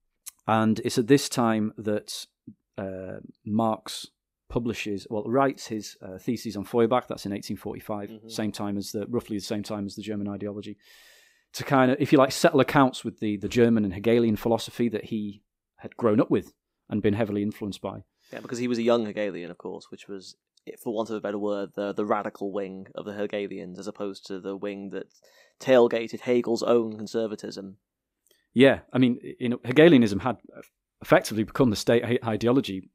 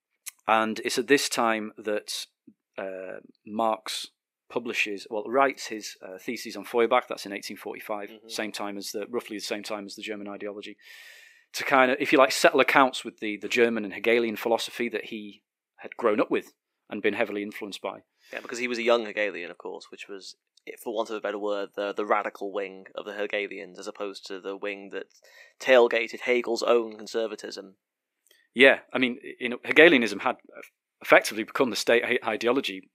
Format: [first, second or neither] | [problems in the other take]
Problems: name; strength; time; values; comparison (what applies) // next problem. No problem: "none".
first | thin; somewhat; fading below 400 Hz